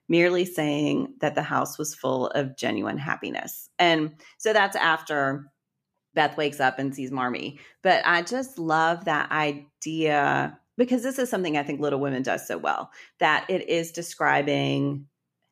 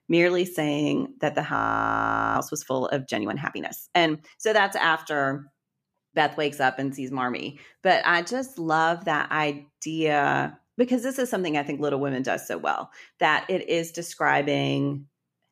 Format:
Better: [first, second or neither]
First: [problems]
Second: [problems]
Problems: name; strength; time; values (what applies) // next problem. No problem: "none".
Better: first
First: none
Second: audio freezing; at 1.5 s for 1 s